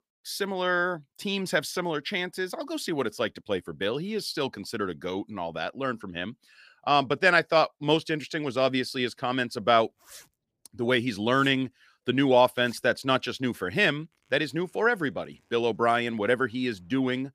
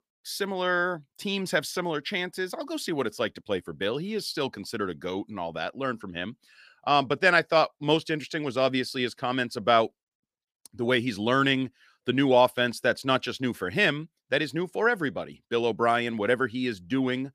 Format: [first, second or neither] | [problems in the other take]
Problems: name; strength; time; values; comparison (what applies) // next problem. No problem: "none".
second | household noises; faint; from 8.5 s on; 25 dB below the speech